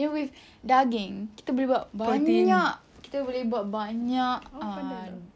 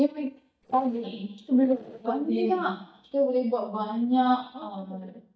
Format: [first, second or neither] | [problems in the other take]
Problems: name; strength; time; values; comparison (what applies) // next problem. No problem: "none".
first | noise reduction (neural mask model DeepFilterNet 3)